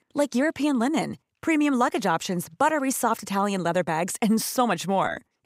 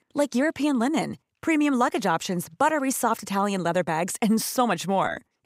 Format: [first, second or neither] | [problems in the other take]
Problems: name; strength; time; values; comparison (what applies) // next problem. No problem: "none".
neither | none